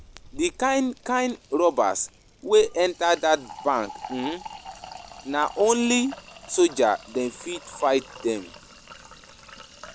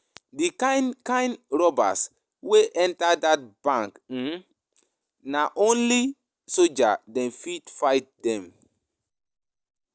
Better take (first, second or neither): second